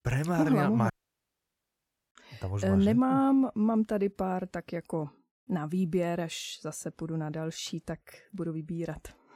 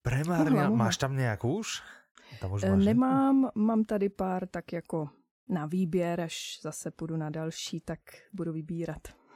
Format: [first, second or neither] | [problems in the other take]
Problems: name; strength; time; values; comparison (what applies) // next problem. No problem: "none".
second | audio cutting out; at 1 s for 1 s